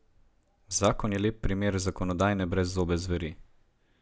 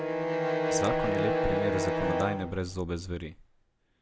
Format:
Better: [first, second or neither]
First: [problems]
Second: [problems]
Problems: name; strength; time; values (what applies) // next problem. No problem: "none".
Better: first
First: none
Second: background sound (Bowed string instrument); 4 dB above the speech